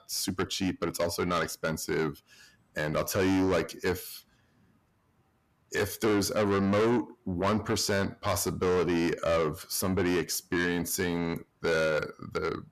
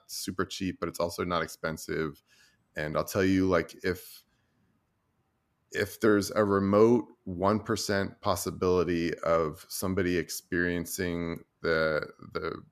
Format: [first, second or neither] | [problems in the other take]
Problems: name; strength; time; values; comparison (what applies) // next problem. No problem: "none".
second | distortion; heavy; 6 dB below the speech